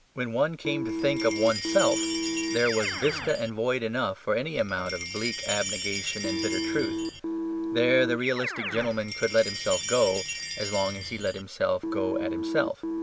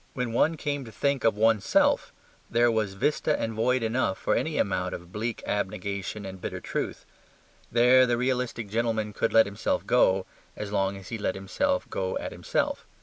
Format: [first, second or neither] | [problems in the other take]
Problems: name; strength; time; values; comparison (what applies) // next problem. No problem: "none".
second | background sound (Chime + Keyboard (musical)); 4 dB below the speech